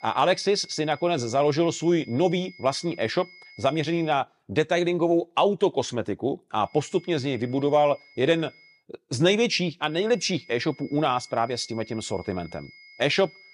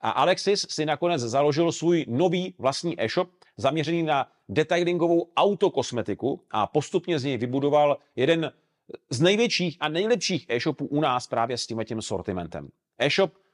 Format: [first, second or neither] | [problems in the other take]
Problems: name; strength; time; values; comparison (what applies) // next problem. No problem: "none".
second | high-pitched whine; faint; until 4 s, from 6.5 to 9 s and from 10 s on; 2 kHz, 25 dB below the speech